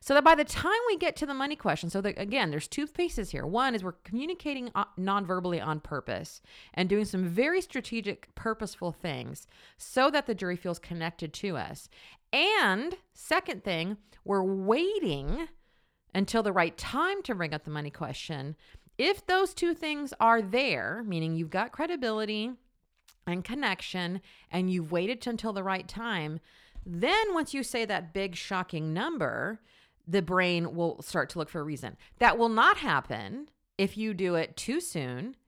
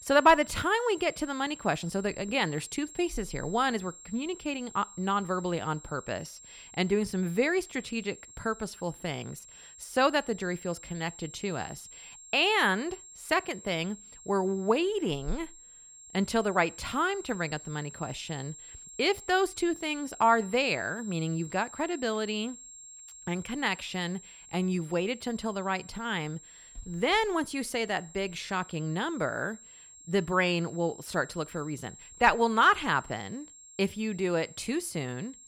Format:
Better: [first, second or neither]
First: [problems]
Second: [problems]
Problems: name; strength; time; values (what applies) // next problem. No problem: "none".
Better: first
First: none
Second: high-pitched whine; noticeable; throughout; 7.5 kHz, 15 dB below the speech